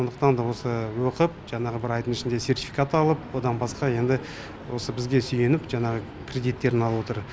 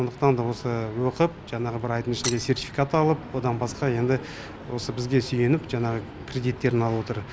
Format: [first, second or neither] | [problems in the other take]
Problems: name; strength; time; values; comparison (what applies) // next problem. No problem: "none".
first | background sound (Shatter); 11 dB below the speech